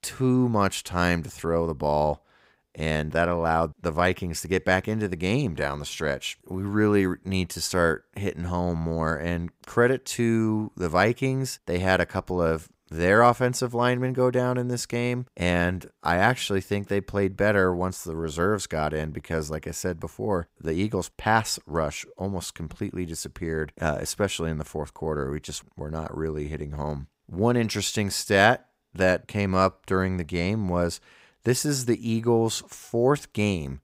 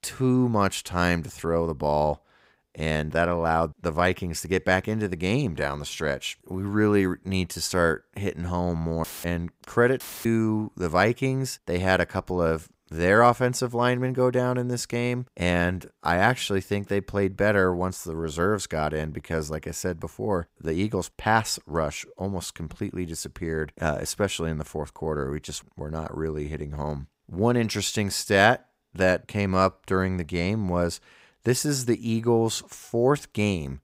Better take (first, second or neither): first